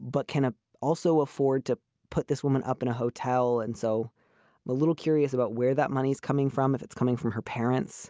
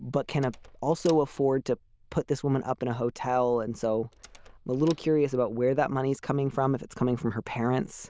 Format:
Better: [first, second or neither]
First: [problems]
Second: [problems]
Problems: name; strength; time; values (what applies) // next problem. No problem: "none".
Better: first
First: none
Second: noise reduction (neural diffusion model UNIVERSE++)